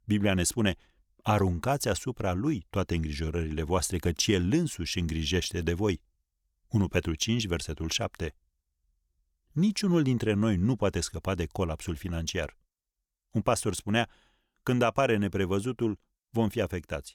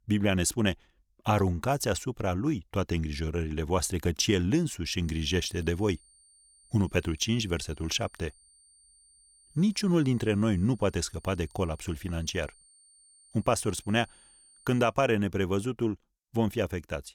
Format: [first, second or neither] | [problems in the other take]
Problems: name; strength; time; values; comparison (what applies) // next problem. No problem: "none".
first | high-pitched whine; faint; from 5 to 15 s; 9 kHz, 30 dB below the speech